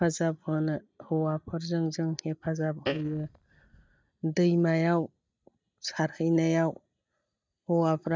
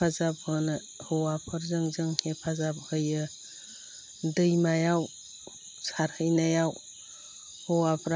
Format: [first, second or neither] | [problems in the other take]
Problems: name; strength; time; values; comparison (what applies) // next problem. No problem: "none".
second | noise reduction (neural mask model DeepFilterNet 3)